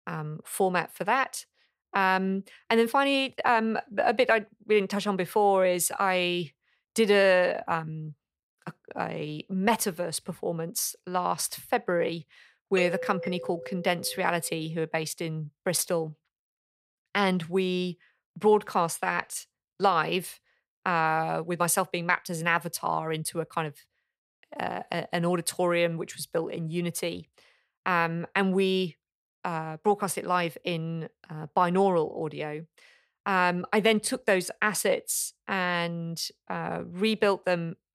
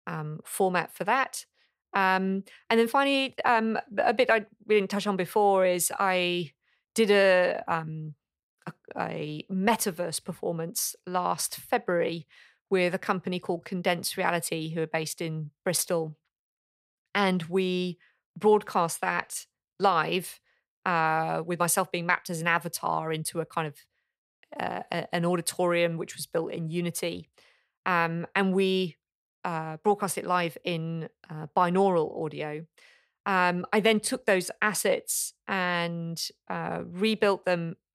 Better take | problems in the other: second | doorbell; noticeable; from 13 to 14 s; peak 5 dB below the speech

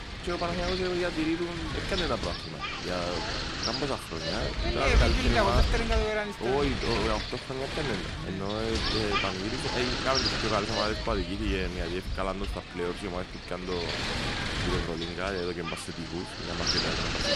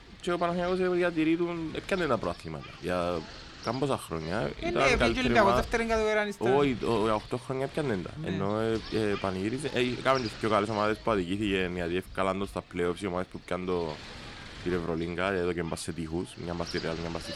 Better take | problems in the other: second | wind noise on the microphone; heavy; as loud as the speech; occasional gusts in the second

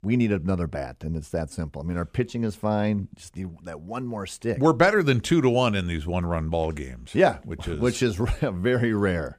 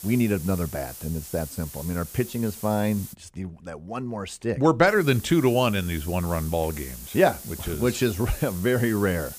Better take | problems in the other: first | hiss; noticeable; until 3 s and from 5 s on; 15 dB below the speech

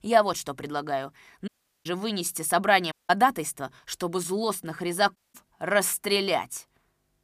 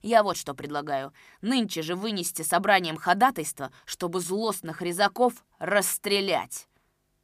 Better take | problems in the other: second | audio cutting out; at 1.5 s, at 3 s and at 5 s

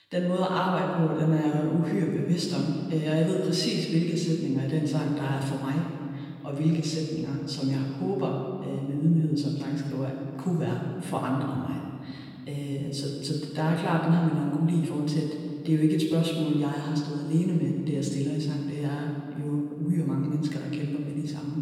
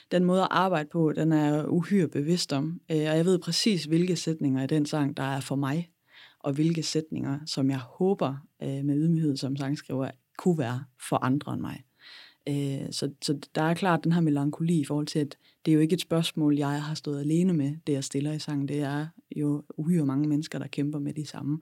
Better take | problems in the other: second | off-mic speech; far // room echo; noticeable; dies away in 2.1 s

